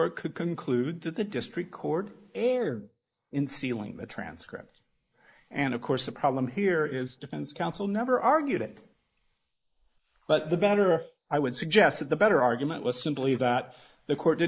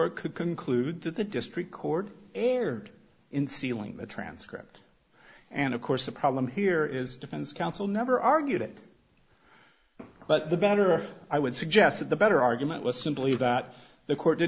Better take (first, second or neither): second